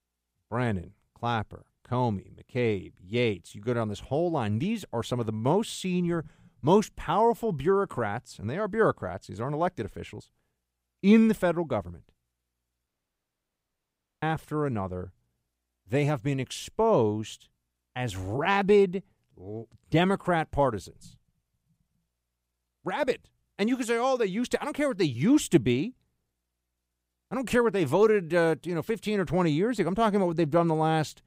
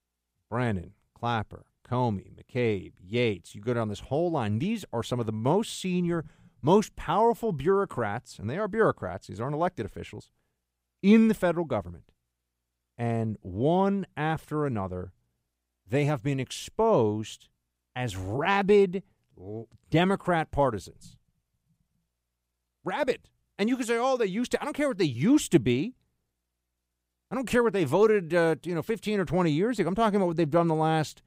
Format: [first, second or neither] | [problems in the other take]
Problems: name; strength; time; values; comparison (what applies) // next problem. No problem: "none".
second | audio cutting out; at 13 s for 1.5 s